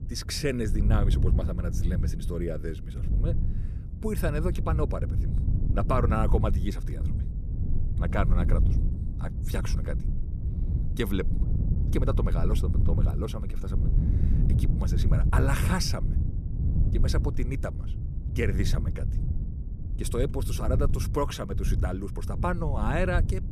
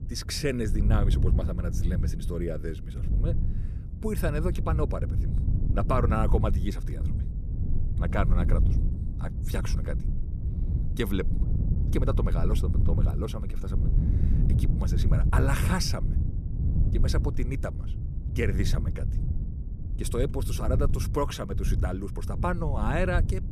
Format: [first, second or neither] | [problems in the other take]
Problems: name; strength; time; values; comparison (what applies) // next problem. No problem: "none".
neither | wind noise on the microphone; heavy; 9 dB below the speech; the same in both